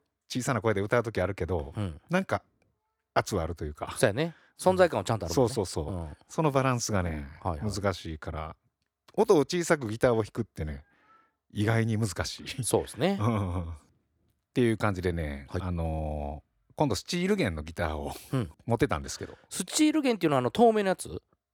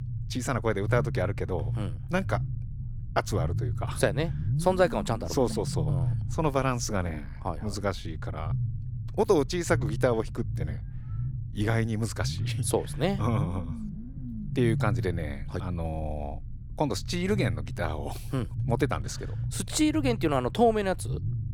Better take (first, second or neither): first